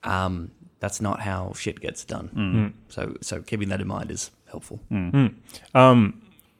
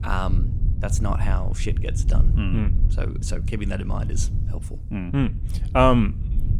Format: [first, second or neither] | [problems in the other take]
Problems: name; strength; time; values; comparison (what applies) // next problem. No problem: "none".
first | low rumble; noticeable; throughout; 15 dB below the speech